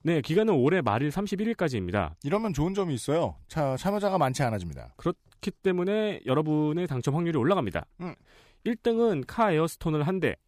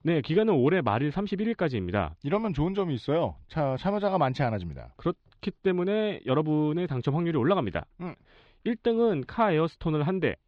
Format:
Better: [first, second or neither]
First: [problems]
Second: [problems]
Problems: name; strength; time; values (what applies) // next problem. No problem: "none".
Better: first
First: none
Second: muffled; slightly; fading above 4 kHz